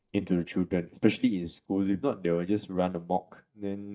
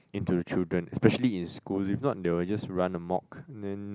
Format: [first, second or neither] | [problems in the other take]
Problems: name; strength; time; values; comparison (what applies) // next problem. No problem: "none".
second | noise reduction (neural mask model DeepFilterNet 3)